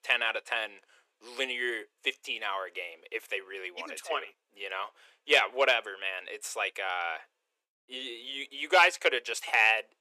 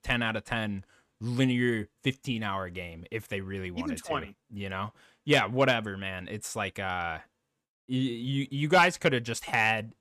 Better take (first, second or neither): second